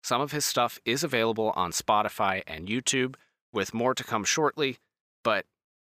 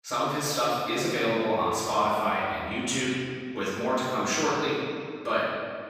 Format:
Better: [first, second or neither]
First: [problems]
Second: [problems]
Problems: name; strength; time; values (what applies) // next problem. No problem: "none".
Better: first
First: none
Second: off-mic speech; far // room echo; strong; dies away in 2.1 s